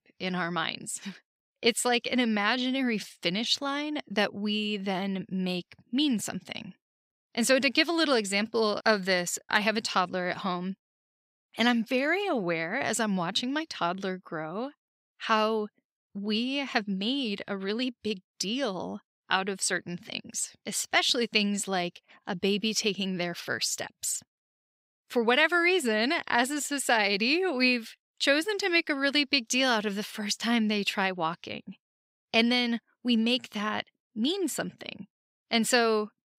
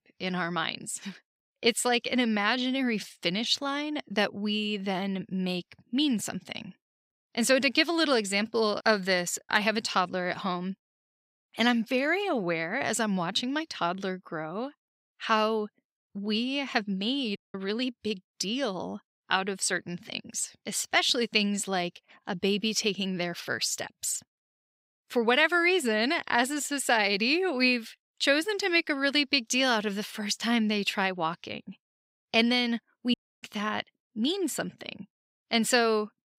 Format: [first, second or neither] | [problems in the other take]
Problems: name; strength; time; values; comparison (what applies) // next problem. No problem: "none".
first | audio cutting out; at 17 s and at 33 s